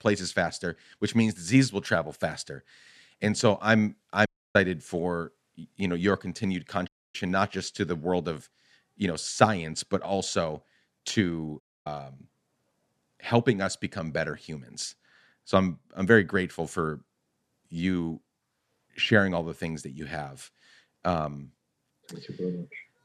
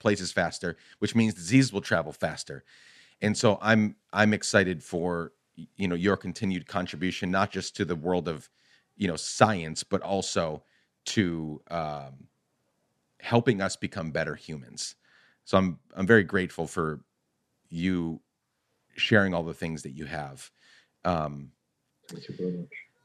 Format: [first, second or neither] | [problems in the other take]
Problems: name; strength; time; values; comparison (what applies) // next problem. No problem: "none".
second | audio cutting out; at 4.5 s, at 7 s and at 12 s